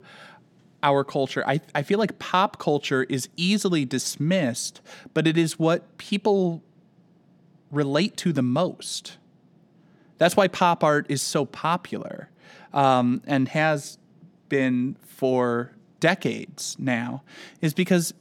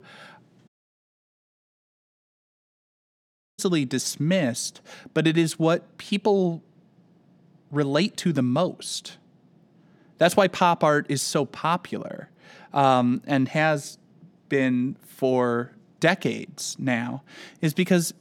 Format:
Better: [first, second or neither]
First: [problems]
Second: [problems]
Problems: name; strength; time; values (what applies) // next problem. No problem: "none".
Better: first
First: none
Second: audio cutting out; at 0.5 s for 3 s